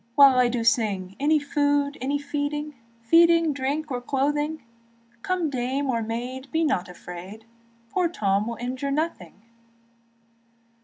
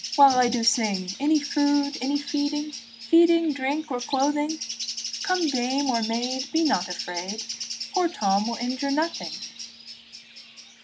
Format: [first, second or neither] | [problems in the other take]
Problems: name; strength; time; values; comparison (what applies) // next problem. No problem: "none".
first | background sound (Bird); 9 dB below the speech